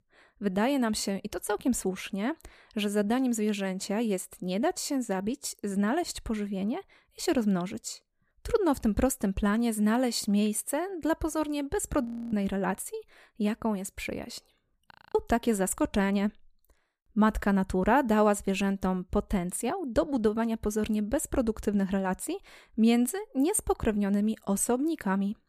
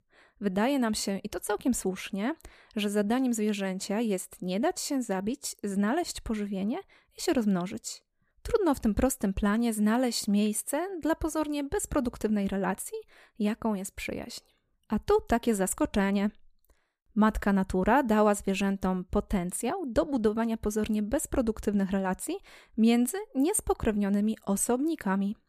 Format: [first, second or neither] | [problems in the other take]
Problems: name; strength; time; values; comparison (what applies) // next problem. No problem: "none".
second | audio freezing; at 12 s and at 15 s